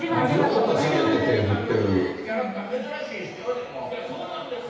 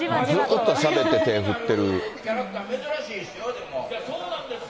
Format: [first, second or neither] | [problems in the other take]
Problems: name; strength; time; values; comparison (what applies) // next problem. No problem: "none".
second | room echo; dies away in 0.9 s